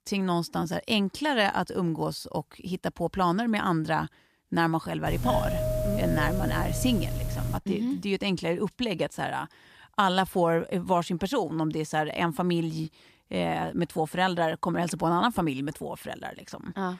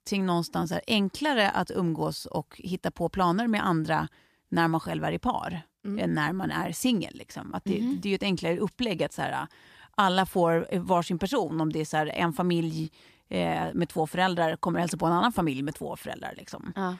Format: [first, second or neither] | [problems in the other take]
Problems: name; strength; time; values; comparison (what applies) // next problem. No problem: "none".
second | doorbell; loud; from 5 to 7.5 s; peak level with the speech